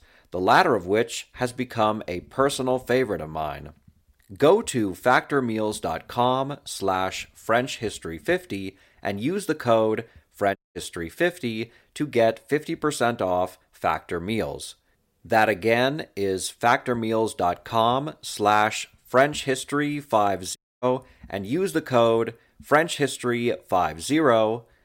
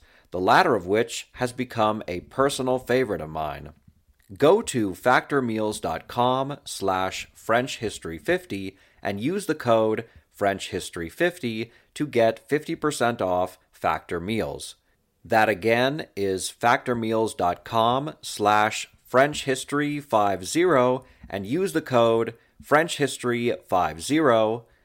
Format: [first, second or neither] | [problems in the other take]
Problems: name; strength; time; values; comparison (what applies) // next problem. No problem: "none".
second | audio cutting out; at 11 s and at 21 s